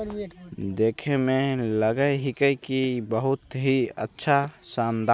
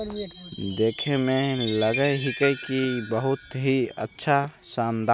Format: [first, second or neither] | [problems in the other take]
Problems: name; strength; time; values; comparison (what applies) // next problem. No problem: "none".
first | background sound (Chime); 13 dB below the speech